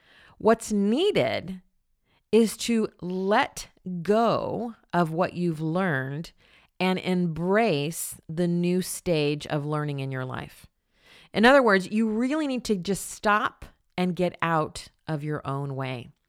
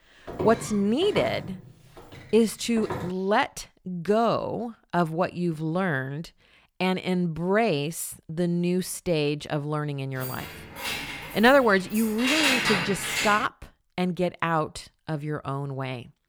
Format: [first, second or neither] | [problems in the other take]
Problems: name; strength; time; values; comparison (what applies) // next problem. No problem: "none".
first | footsteps; noticeable; until 3 s; peak 7 dB below the speech // jangling keys; loud; from 10 to 13 s; peak 5 dB above the speech